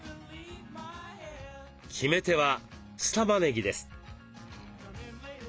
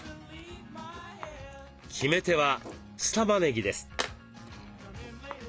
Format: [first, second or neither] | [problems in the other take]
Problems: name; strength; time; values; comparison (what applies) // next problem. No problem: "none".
first | background sound (Tools); 15 dB below the speech